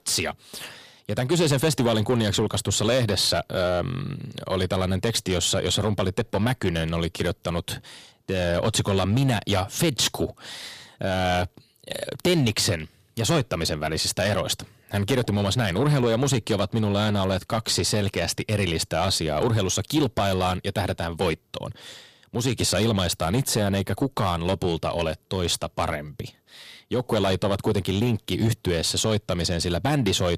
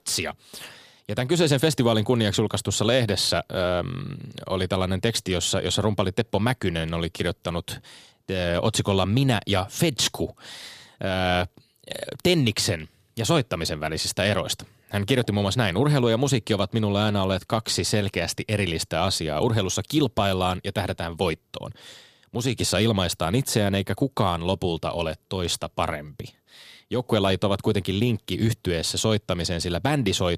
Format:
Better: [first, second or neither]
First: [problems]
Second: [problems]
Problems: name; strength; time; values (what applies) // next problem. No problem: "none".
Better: second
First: distortion; slight; 10 dB below the speech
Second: none